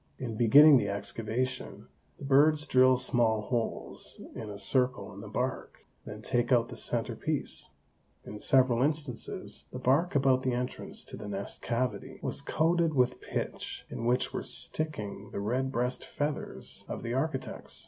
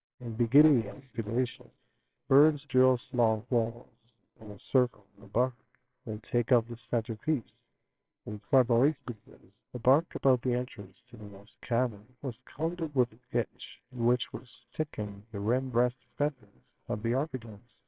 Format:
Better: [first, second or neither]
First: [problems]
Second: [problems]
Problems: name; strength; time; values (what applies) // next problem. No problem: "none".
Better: first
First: none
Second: noise reduction (neural separator model SepFormer WHAMR!)